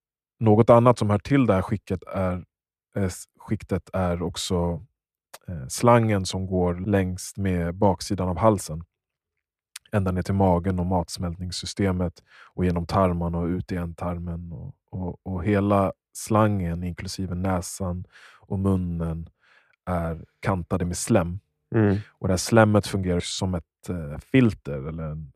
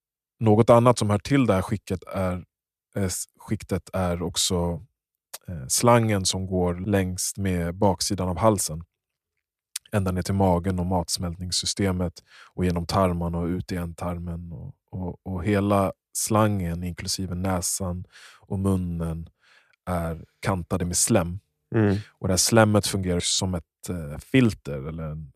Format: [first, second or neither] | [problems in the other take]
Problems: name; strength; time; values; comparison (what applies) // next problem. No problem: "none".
second | muffled; slightly; fading above 3.5 kHz